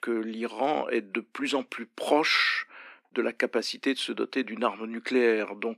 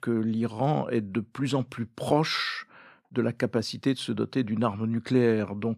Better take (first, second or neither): second